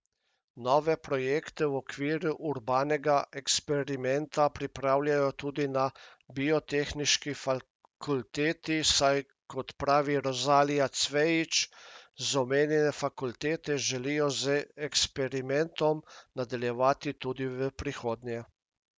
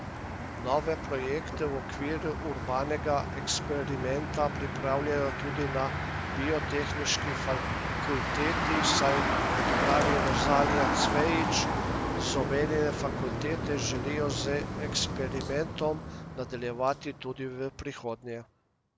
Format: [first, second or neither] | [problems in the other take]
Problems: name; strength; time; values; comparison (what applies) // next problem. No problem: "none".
first | background sound (Motor vehicle (road)); 1 dB above the speech